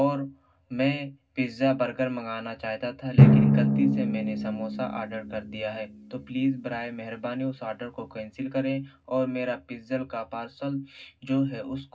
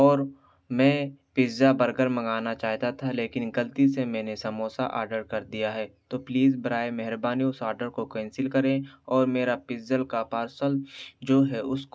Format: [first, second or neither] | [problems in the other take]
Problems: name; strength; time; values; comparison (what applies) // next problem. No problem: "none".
second | background sound (Drum); 2 dB above the speech // room echo; dies away in 0.4 s